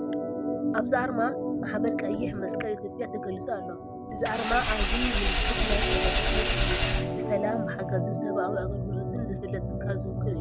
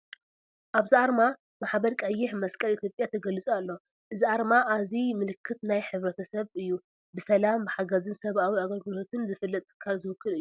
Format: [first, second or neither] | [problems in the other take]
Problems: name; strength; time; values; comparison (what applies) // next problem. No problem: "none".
second | background sound (Engine / Vehicle + Organ); 4 dB above the speech